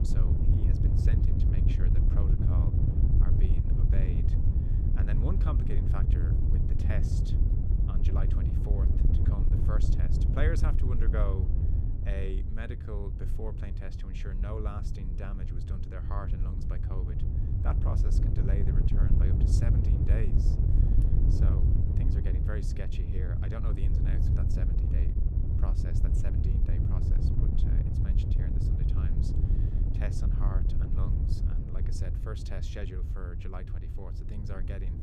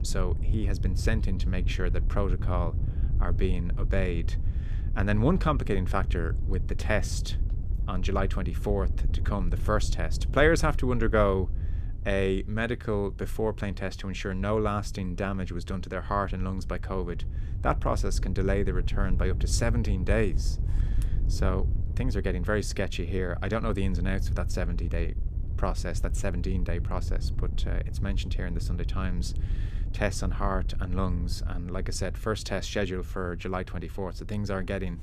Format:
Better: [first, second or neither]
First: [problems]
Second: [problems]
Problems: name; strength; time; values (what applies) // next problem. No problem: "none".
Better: second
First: wind noise on the microphone; heavy; 1 dB above the speech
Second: wind noise on the microphone; occasional gusts; 15 dB below the speech